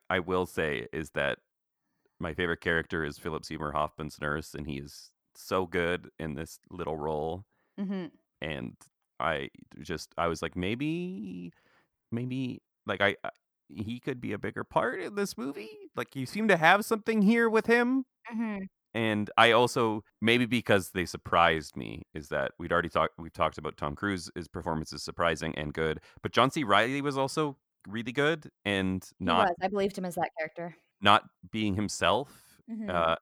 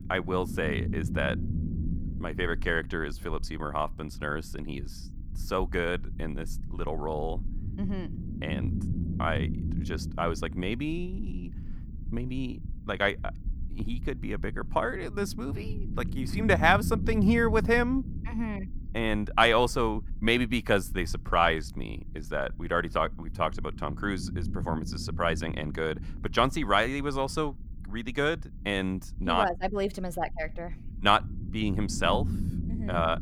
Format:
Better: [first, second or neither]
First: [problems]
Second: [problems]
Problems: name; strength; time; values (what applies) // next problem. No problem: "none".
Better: first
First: none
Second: low rumble; noticeable; throughout; 20 dB below the speech